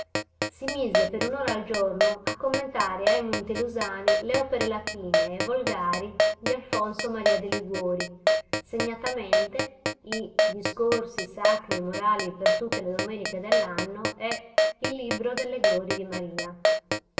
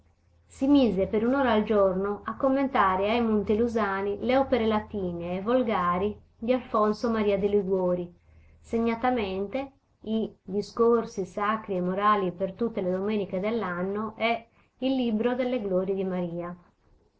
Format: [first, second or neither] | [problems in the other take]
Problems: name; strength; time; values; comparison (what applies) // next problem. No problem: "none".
second | background sound (Keyboard (musical)); 3 dB above the speech // room echo; dies away in 0.9 s